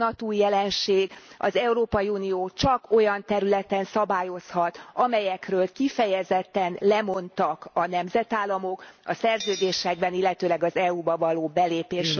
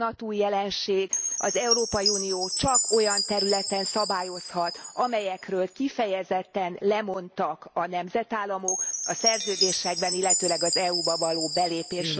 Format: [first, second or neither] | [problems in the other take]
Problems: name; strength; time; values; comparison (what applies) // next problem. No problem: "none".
first | background sound (Chime); 3 dB below the speech